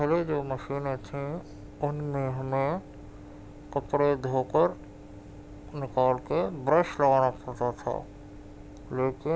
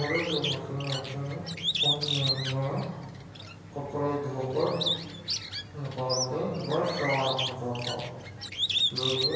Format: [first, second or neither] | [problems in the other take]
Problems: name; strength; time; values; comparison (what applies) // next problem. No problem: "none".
first | background sound (Bird); 2 dB below the speech // room echo; dies away in 1 s